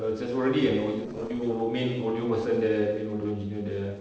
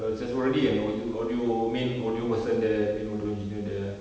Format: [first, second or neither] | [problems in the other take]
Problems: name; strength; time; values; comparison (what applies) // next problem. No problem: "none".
second | noise reduction (neural separator model SepFormer DNS4)